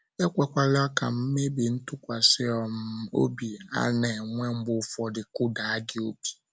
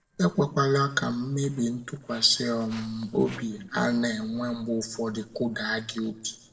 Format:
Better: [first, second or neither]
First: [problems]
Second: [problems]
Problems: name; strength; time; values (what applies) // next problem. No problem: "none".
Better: first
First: none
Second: noise reduction (neural separator model SepFormer DNS4)